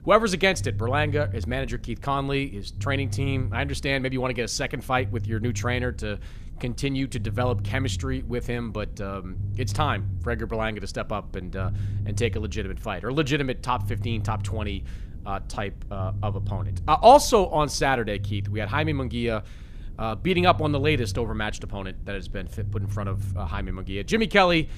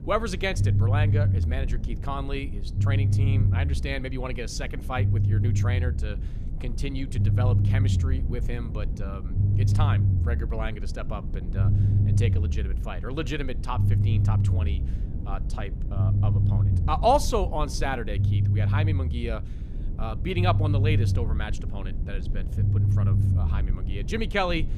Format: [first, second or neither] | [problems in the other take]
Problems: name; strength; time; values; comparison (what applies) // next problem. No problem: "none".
first | low rumble; loud; throughout; 8 dB below the speech; faint in the first